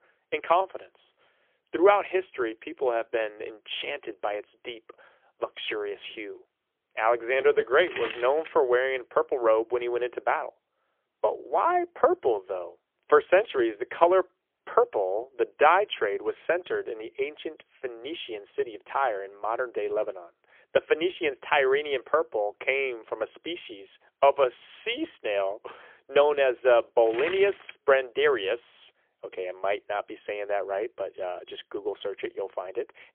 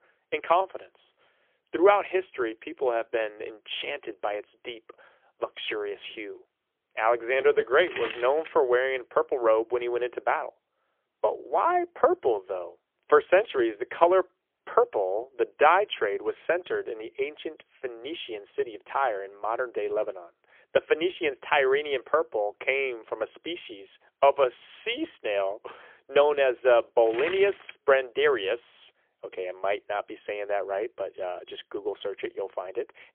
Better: neither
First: phone-call audio; poor line; nothing above 3.5 kHz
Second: phone-call audio; poor line; nothing above 3.5 kHz

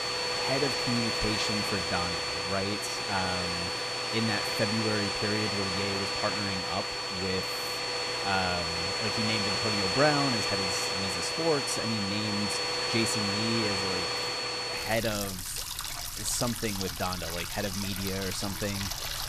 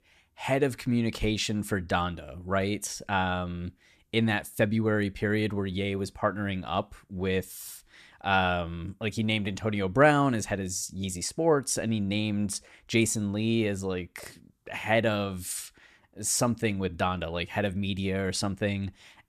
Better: second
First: household noises; very loud; throughout; 3 dB above the speech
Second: none

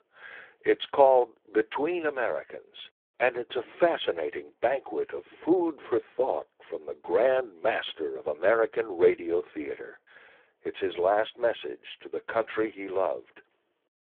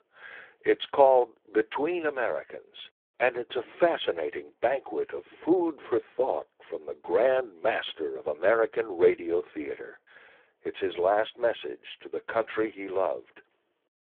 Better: neither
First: phone-call audio; poor line; nothing above 3.5 kHz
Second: phone-call audio; poor line; nothing above 3.5 kHz

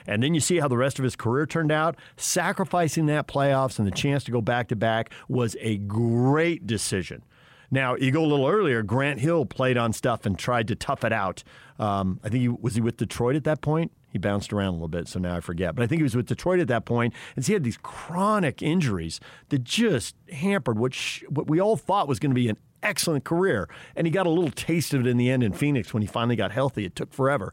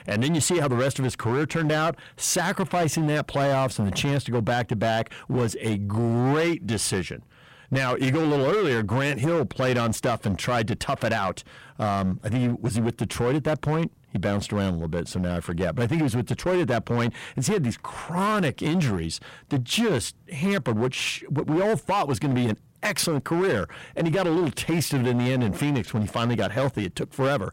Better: first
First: none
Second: distortion; slight; 16% of the sound clipped

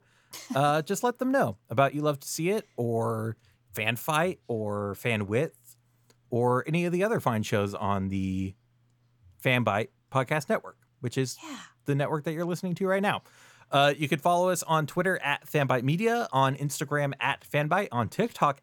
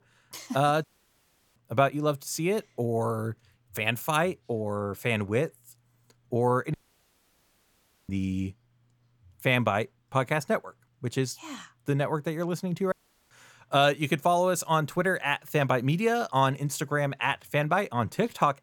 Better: first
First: none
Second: audio cutting out; at 1 s for 0.5 s, at 6.5 s for 1.5 s and at 13 s

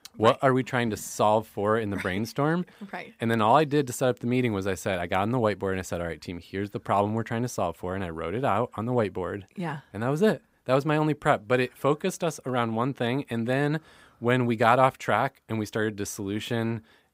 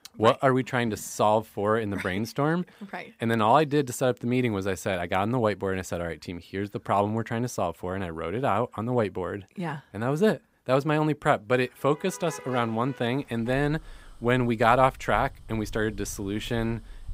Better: first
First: none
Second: traffic noise; noticeable; from 12 s on; 20 dB below the speech

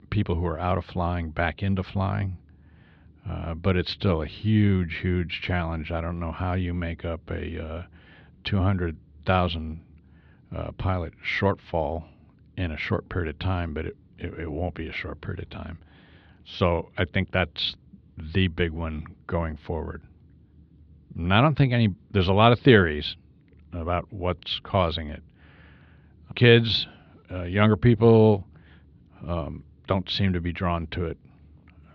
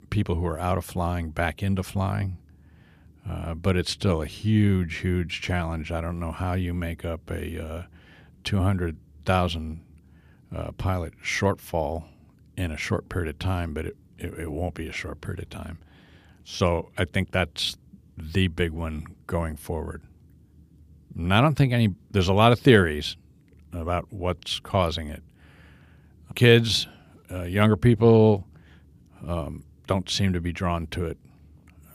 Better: second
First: muffled; very slightly; fading above 4 kHz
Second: none

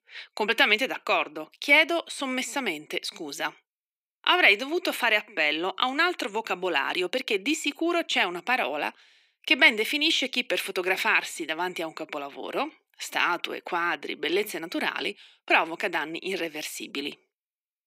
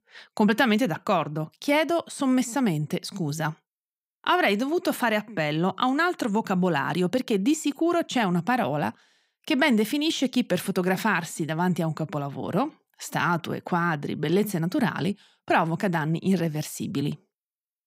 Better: second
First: thin; somewhat; fading below 350 Hz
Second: none

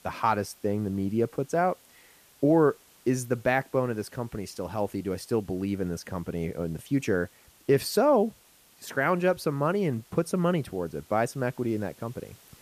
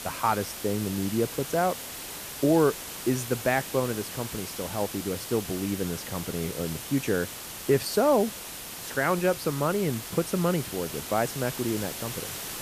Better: first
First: hiss; faint; throughout; 25 dB below the speech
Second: hiss; loud; throughout; 8 dB below the speech

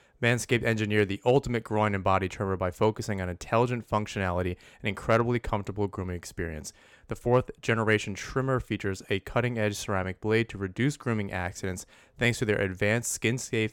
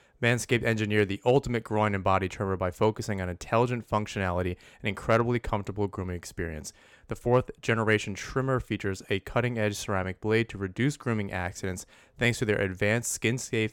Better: neither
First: none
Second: none

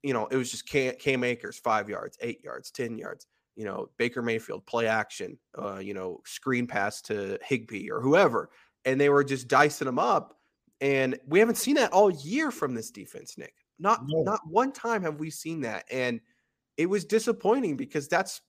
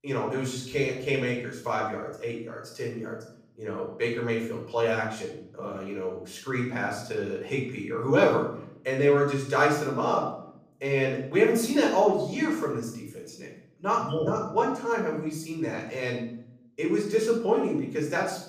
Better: first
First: none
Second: off-mic speech; far // room echo; noticeable; dies away in 0.7 s

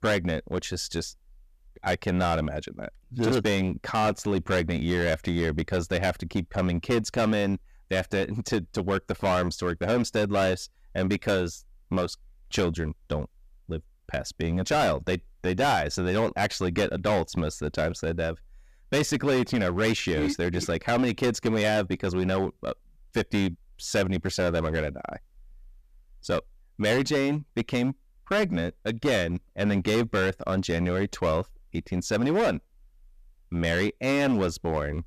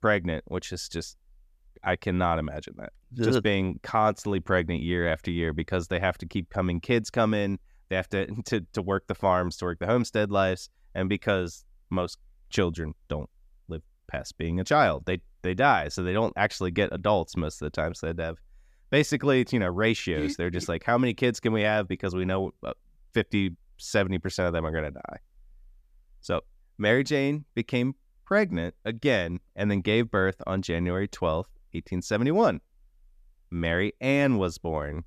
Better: second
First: distortion; heavy; 11% of the sound clipped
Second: none

